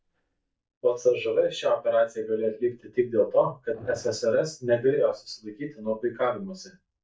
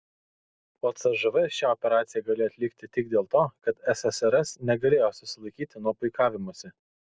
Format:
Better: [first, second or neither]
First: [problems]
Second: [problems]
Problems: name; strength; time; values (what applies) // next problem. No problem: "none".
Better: second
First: noise reduction (neural mask model DeepFilterNet 3)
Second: none